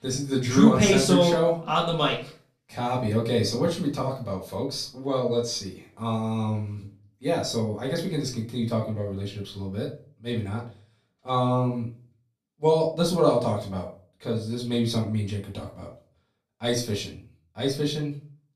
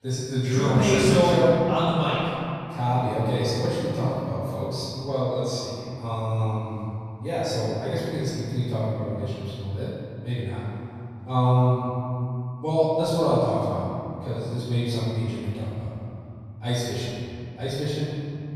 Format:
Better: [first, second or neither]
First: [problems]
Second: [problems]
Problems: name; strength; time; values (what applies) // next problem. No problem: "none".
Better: first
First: room echo; slight; dies away in 0.3 s // off-mic speech; far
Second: room echo; strong; dies away in 3 s // off-mic speech; far